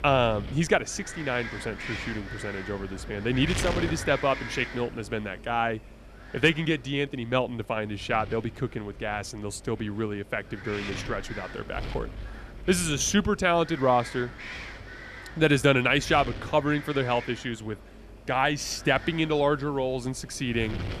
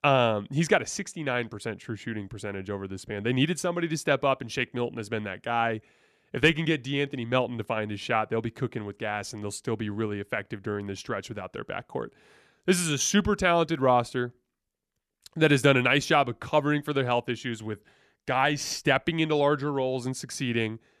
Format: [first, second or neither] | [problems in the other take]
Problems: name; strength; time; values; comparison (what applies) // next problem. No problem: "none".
second | wind noise on the microphone; occasional gusts; 10 dB below the speech